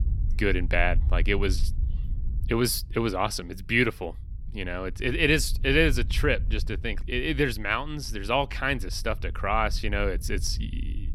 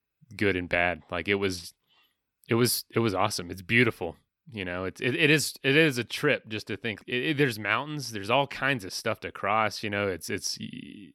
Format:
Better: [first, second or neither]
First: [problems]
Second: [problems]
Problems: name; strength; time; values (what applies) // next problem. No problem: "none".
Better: second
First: wind noise on the microphone; occasional gusts; 25 dB below the speech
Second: none